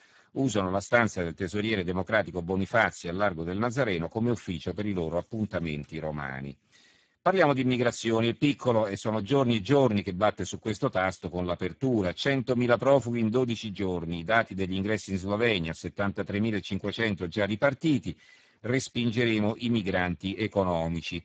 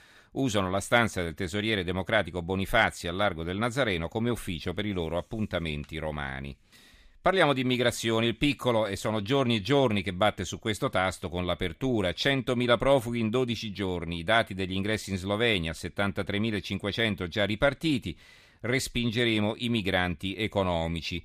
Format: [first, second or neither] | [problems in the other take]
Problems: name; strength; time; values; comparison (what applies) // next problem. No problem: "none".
second | garbled, watery; badly; nothing above 7.5 kHz